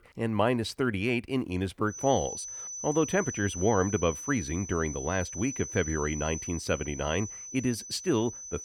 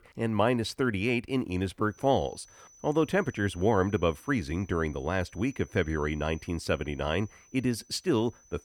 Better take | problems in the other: second | high-pitched whine; loud; from 2 s on; 6 kHz, 8 dB below the speech; faint in the second

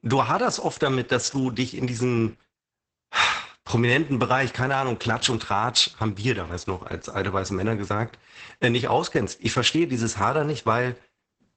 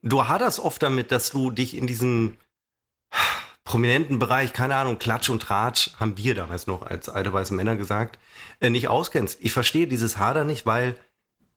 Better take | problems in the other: second | garbled, watery; badly; nothing above 8 kHz; slightly in the second

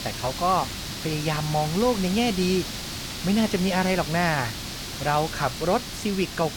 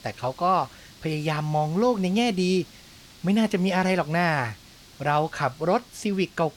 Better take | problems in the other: second | hiss; loud; throughout; 7 dB below the speech; faint in the second

